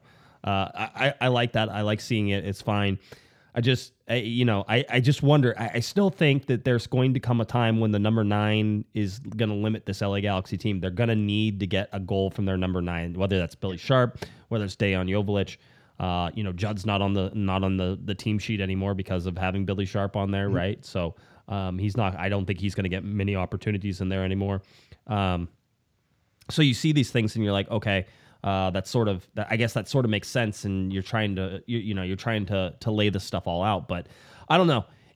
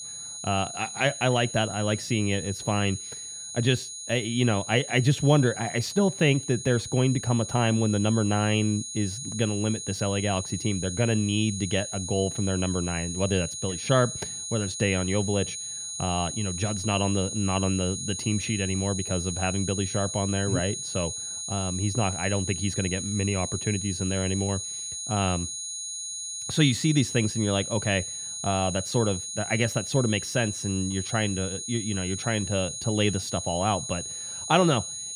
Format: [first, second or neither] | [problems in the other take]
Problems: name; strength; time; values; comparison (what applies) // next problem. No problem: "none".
first | high-pitched whine; loud; throughout; 6.5 kHz, 6 dB below the speech